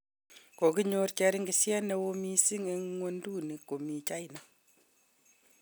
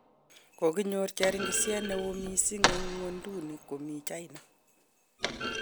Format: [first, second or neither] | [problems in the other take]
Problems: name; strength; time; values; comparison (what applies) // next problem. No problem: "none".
first | background sound (Thump, thud); 3 dB below the speech